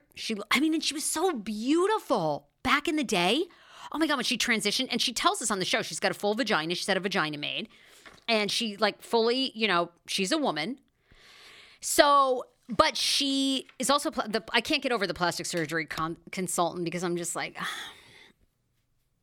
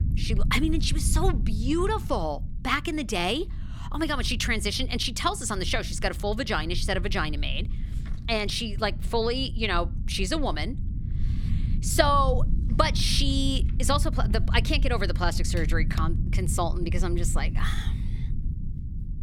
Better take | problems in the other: first | low rumble; noticeable; throughout; 15 dB below the speech

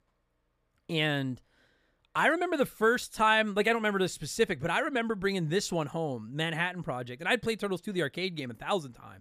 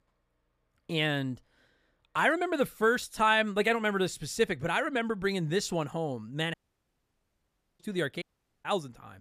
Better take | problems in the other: first | audio cutting out; at 6.5 s for 1.5 s and at 8 s

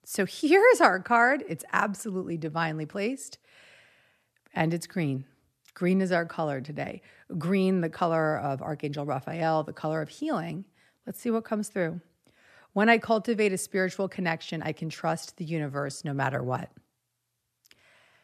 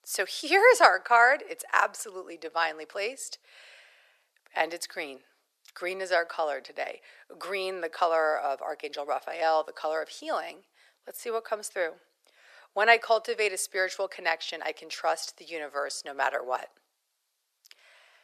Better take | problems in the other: first | thin; very; fading below 500 Hz

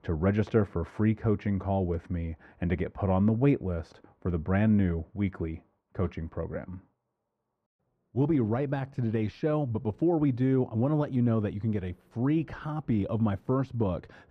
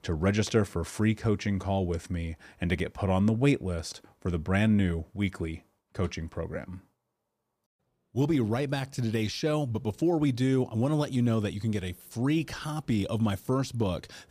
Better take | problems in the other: second | muffled; very; fading above 3.5 kHz

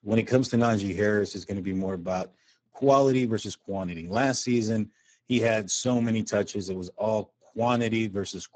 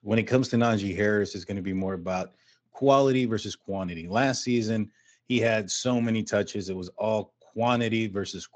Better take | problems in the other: second | garbled, watery; badly; slightly in the second

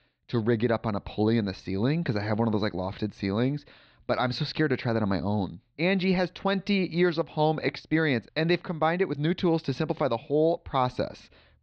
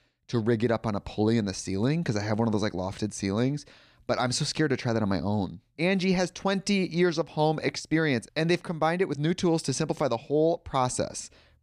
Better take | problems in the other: second | muffled; very slightly; fading above 4 kHz

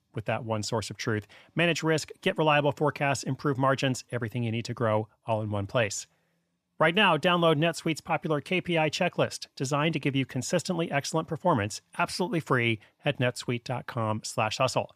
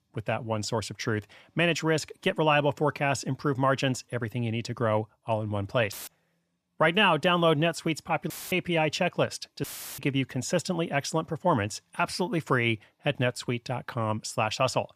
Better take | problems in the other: first | audio cutting out; filled with static; at 6 s, at 8.5 s and at 9.5 s

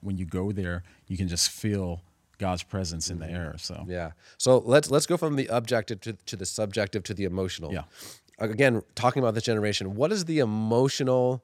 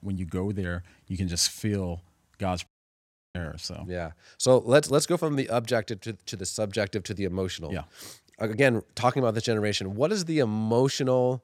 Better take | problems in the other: first | audio cutting out; at 2.5 s for 0.5 s

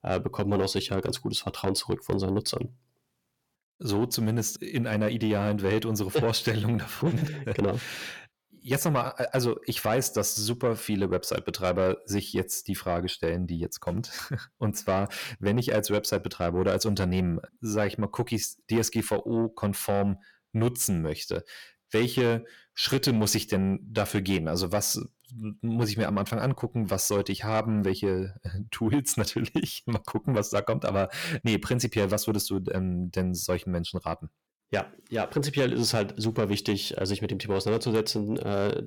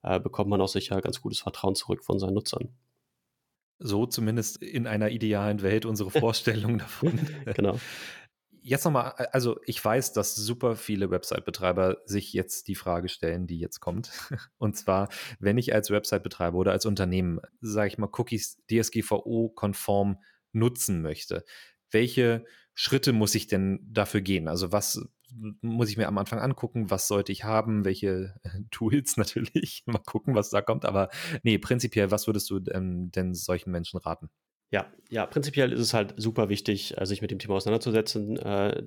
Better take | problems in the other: second | distortion; slight; 10 dB below the speech

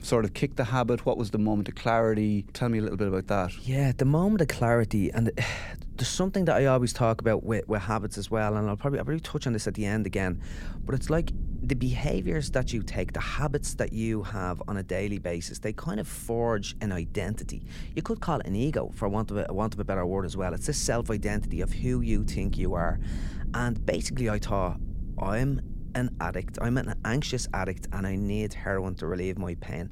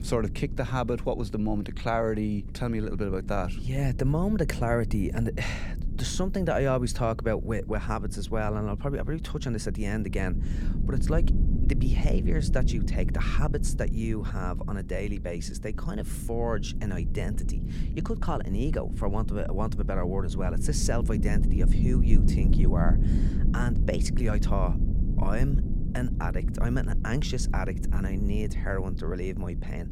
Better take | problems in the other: first | low rumble; loud; throughout; 10 dB below the speech; faint in the first

